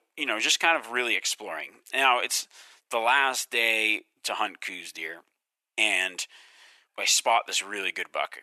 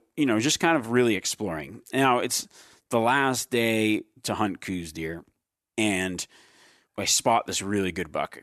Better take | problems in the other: second | thin; very; fading below 700 Hz

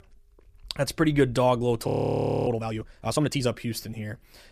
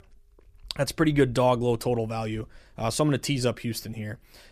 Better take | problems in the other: second | audio freezing; at 2 s for 0.5 s

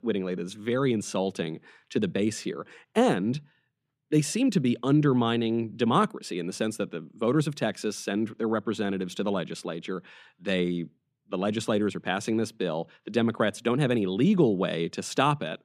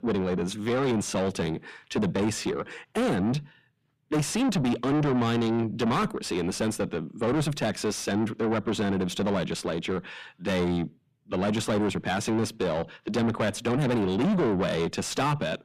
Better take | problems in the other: first | distortion; heavy; 6 dB below the speech

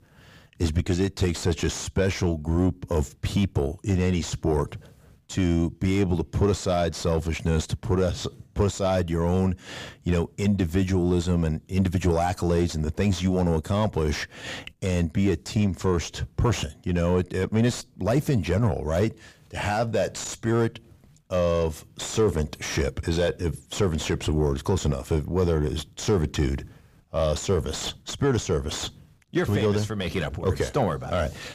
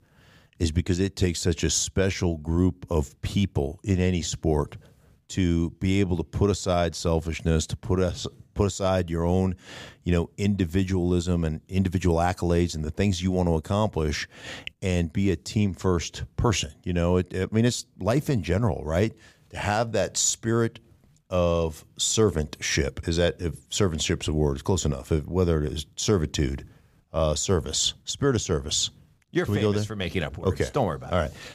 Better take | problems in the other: second | distortion; slight; 9 dB below the speech

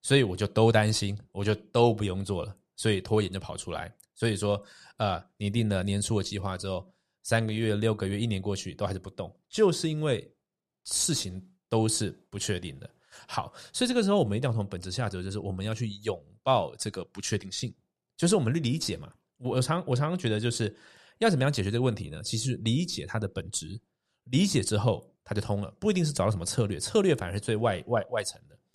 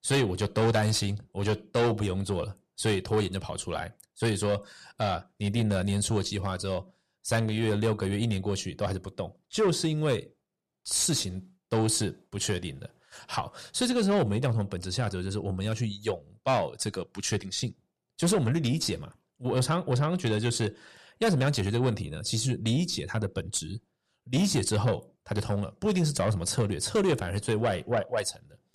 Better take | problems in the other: first | distortion; slight; 10 dB below the speech

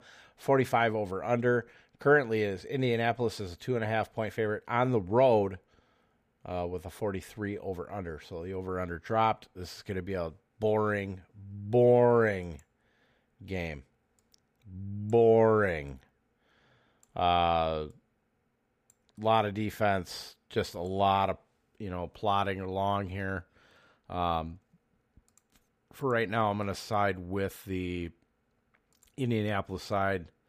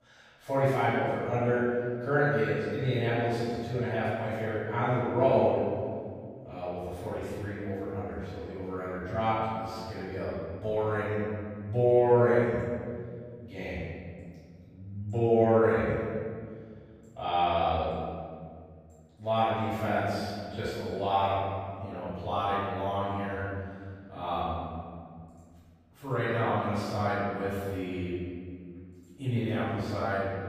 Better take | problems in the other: first | off-mic speech; far // room echo; strong; dies away in 2.1 s

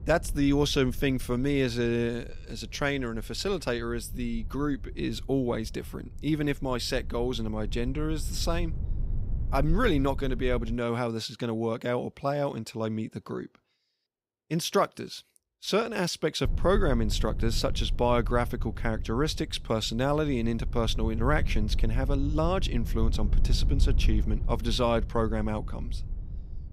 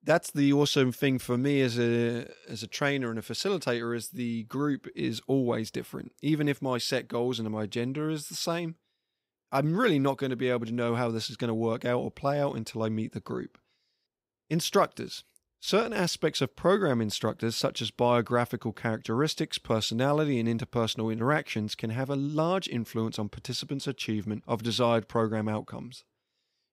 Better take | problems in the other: second | low rumble; faint; until 11 s and from 16 s on; 20 dB below the speech

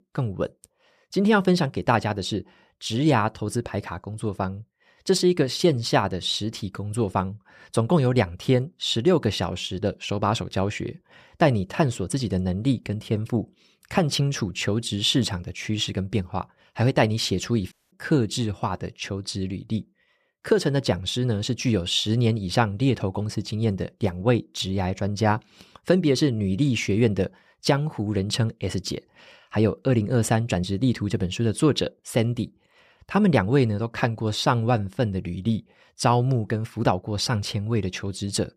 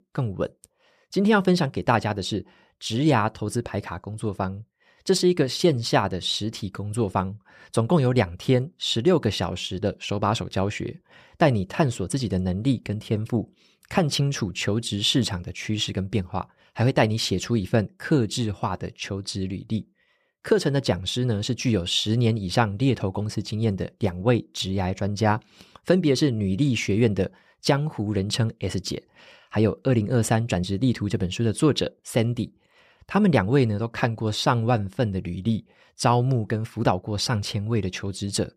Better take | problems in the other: second | audio cutting out; at 18 s

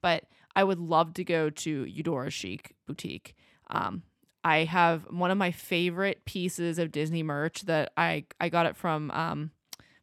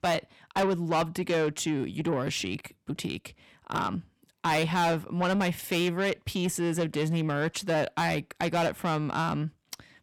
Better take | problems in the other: first | distortion; heavy; 7 dB below the speech

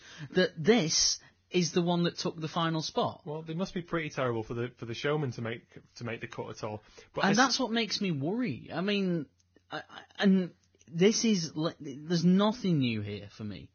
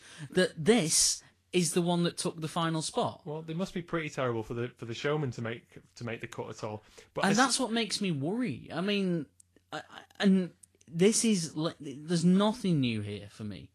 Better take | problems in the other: second | garbled, watery; badly; nothing above 6.5 kHz; slightly in the second

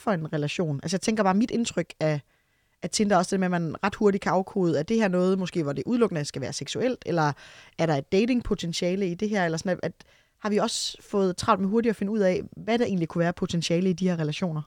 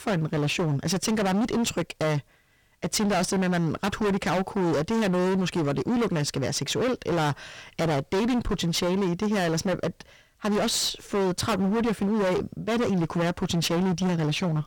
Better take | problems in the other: first | distortion; heavy; 32% of the sound clipped

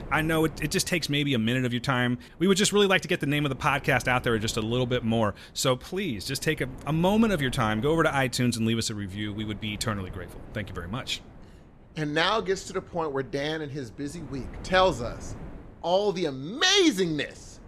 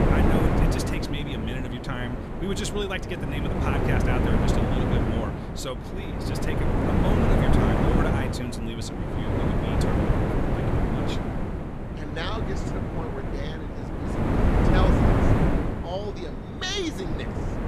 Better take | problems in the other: first | wind noise on the microphone; heavy; 4 dB above the speech; occasional gusts in the first

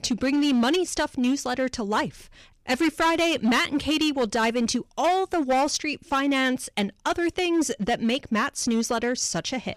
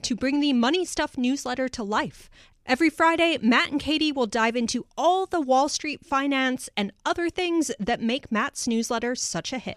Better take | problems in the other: second | distortion; slight; 9% of the sound clipped

